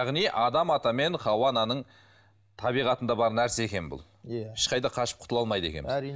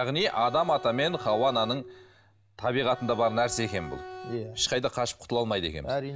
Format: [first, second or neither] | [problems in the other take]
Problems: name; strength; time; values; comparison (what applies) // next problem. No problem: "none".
first | background sound (Bowed string instrument); 14 dB below the speech